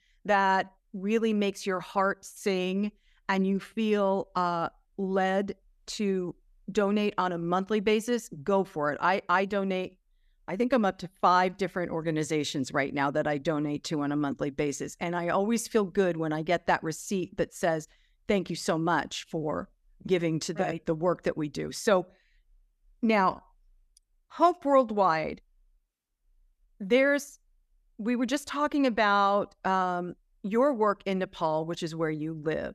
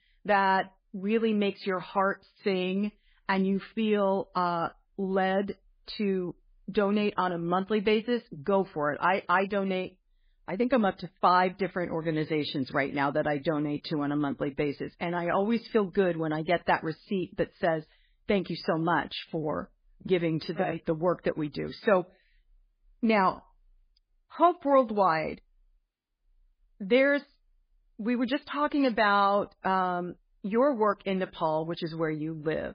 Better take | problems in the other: first | garbled, watery; badly; nothing above 4 kHz

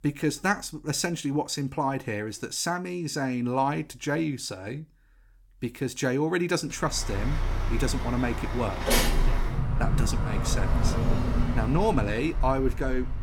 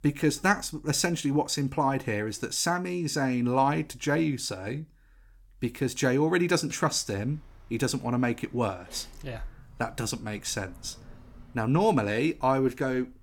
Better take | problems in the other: second | traffic noise; loud; from 7 s on; as loud as the speech; faint in the second

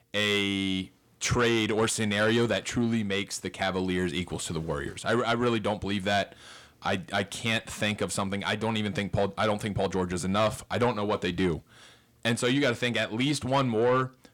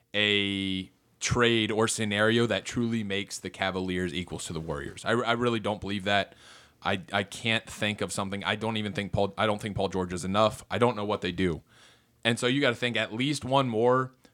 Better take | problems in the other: second | distortion; slight; 10 dB below the speech

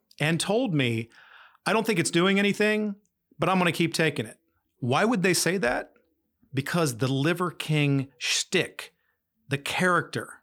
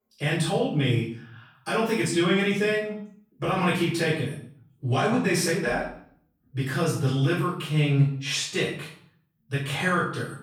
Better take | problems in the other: first | off-mic speech; far // room echo; noticeable; dies away in 0.5 s

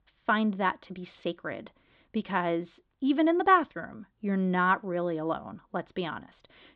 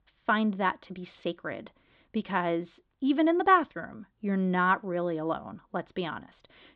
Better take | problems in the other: neither | muffled; very; fading above 3.5 kHz; the same in both

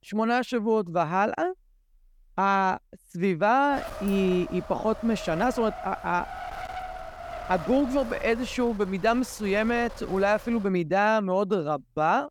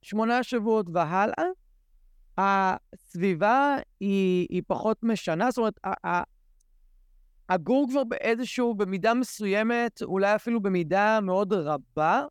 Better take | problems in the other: second | wind noise on the microphone; occasional gusts; from 3.5 to 11 s; 15 dB below the speech

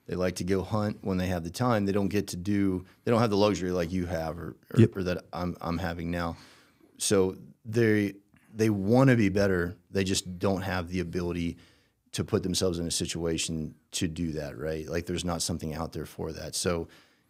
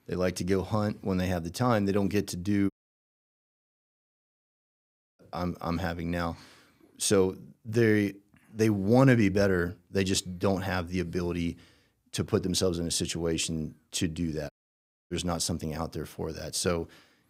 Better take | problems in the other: first | audio cutting out; at 2.5 s for 2.5 s and at 15 s for 0.5 s

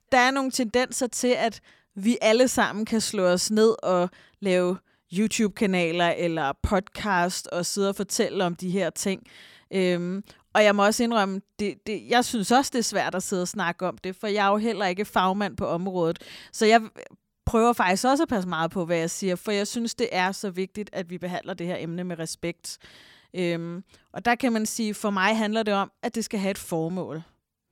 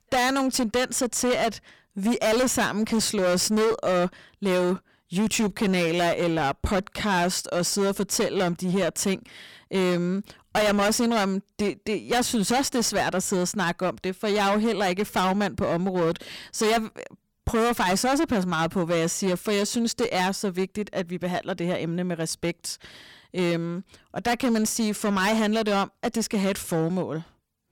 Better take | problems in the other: first | distortion; heavy; 17% of the sound clipped

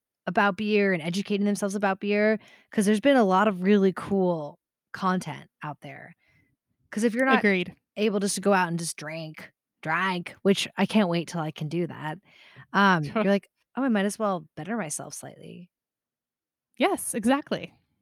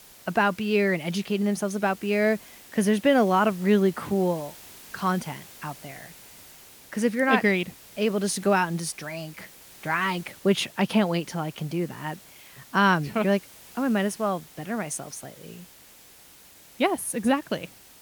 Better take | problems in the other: first | hiss; faint; throughout; 20 dB below the speech

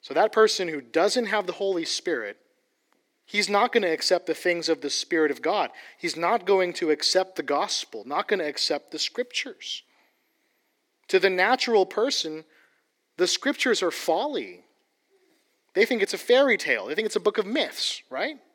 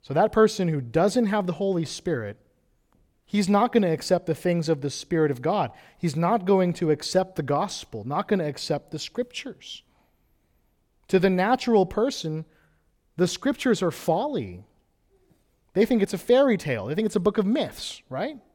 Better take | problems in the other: second | thin; somewhat; fading below 300 Hz

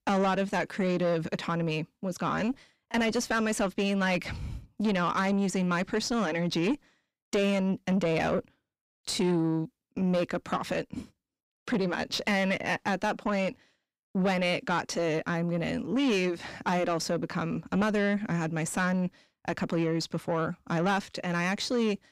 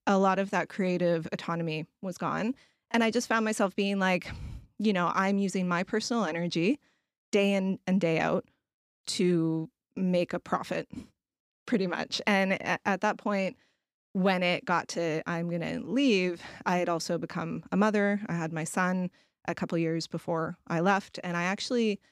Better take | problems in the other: second | distortion; slight; 10 dB below the speech

